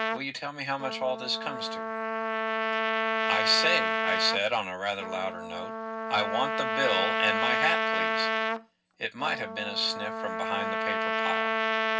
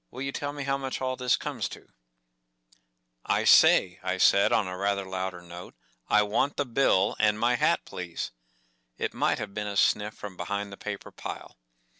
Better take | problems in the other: second | background sound (Trumpet); 2 dB above the speech // room echo; dies away in 0.4 s

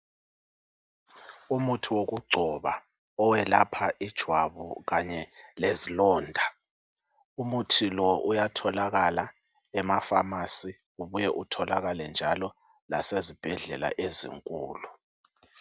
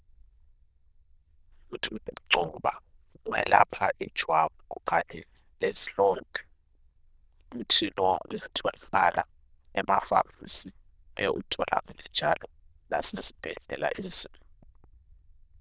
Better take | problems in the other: first | noise reduction (neural diffusion model UNIVERSE++)

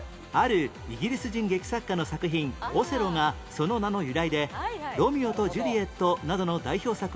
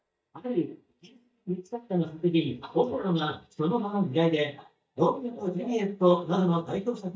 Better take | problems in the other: first | noise reduction (neural mask model DeepFilterNet 3)

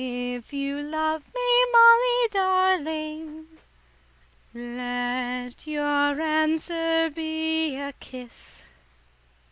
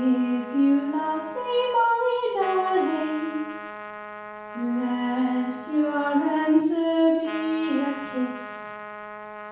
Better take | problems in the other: first | background sound (Trumpet); 13 dB below the speech // room echo; dies away in 0.8 s

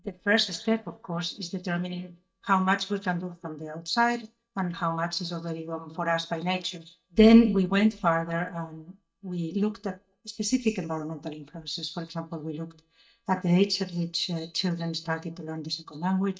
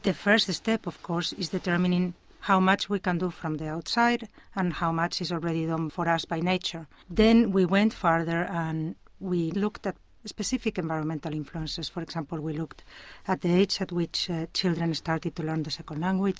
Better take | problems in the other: second | noise reduction (neural mask model DeepFilterNet 3)

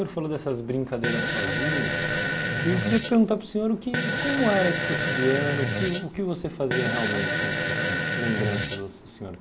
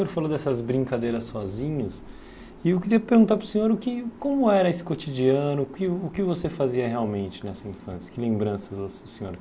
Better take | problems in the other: second | background sound (Fart); as loud as the speech

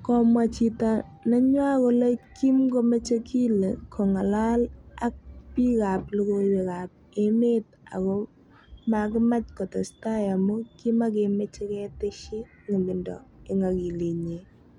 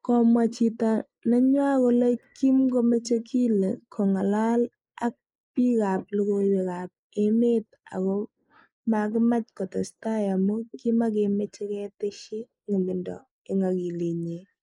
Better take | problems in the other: first | noise reduction (neural mask model Resemble Enhance denoiser)

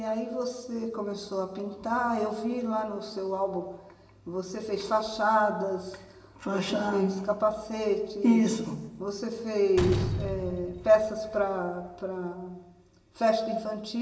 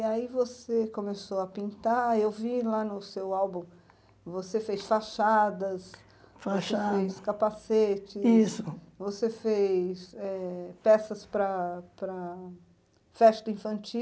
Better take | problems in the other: second | background sound (Slam); 7 dB below the speech // room echo; dies away in 1.1 s

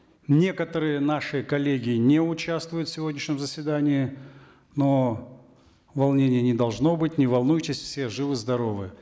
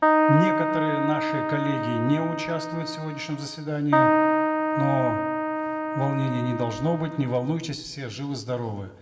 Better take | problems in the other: first | background sound (Keyboard (musical)); 3 dB above the speech // room echo; dies away in 1.8 s

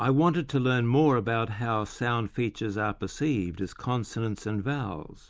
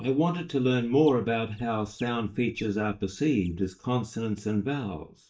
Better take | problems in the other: first | noise reduction (neural mask model DeepFilterNet 3)

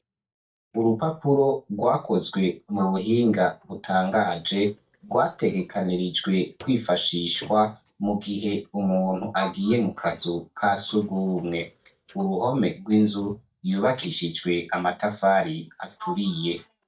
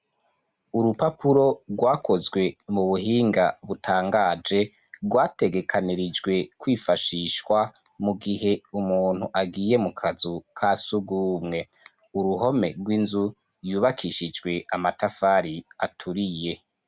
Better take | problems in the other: second | noise reduction (neural mask model DeepFilterNet 3)

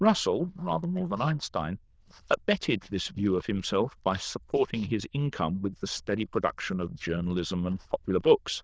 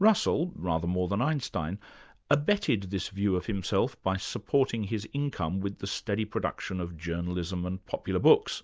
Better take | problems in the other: second | noise reduction (neural diffusion model UNIVERSE++)

